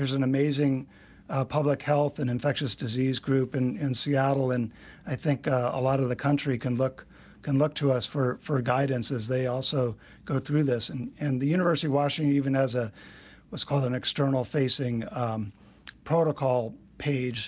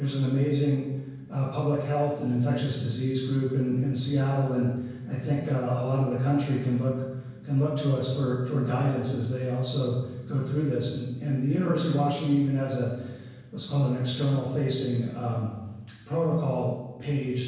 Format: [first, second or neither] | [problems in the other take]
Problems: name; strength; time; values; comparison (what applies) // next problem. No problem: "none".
first | room echo; dies away in 1 s